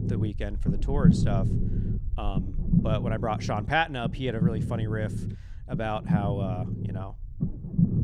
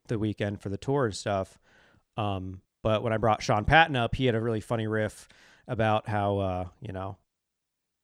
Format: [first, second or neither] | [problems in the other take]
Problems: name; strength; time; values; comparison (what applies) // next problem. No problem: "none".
second | low rumble; loud; throughout; 7 dB below the speech